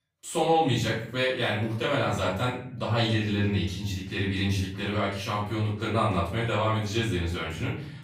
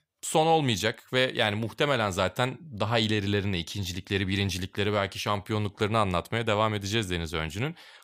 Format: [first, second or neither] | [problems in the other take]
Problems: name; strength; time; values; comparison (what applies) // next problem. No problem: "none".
second | off-mic speech; far // room echo; noticeable; dies away in 0.6 s